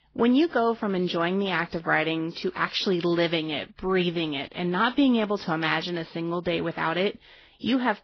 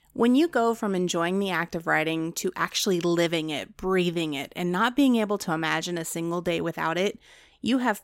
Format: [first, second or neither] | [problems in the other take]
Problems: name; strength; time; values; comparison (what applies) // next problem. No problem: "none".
second | garbled, watery; badly; nothing above 6 kHz